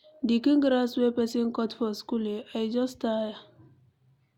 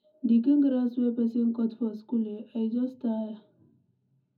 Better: first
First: none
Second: room echo; dies away in 0.4 s

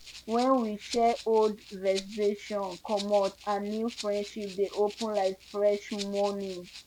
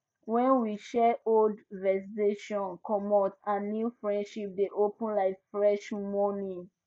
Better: second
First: background sound (Rattle (instrument)); 16 dB below the speech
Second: none

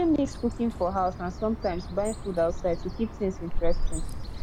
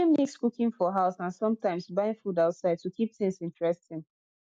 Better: second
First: background sound (Bird); 2 dB below the speech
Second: none

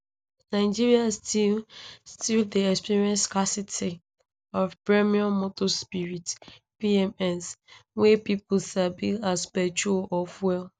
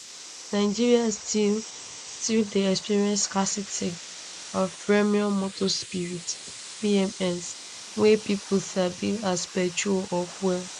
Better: first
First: none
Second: noise reduction (neural mask model Resemble Enhance denoiser)

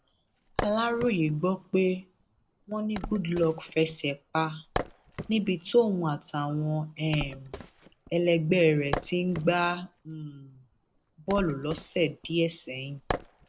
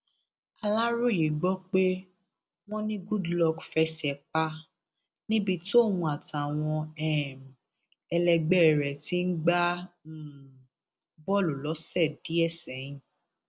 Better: second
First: background sound (Wood); 12 dB below the speech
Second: none

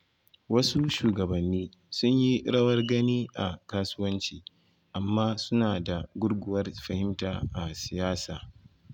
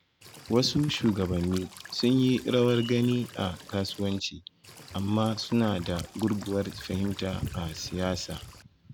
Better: first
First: none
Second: background sound (Cricket / Water); 19 dB below the speech

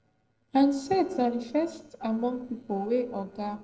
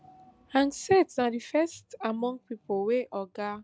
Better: second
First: noise reduction (neural separator model SepFormer DNS4)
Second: none

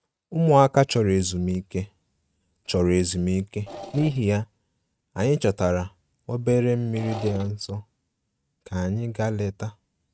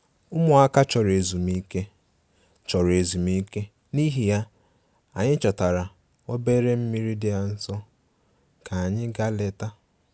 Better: second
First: noise reduction (neural mask model RNNoise)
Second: none

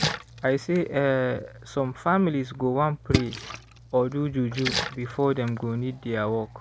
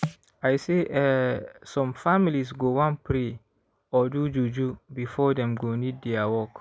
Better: second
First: background sound (Splash, splatter); 9 dB below the speech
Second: none

